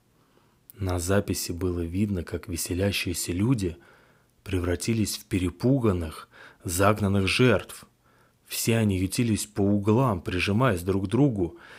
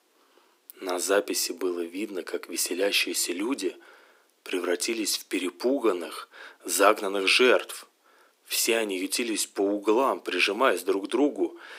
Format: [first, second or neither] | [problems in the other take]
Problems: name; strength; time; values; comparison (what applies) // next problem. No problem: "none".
first | thin; somewhat; fading below 300 Hz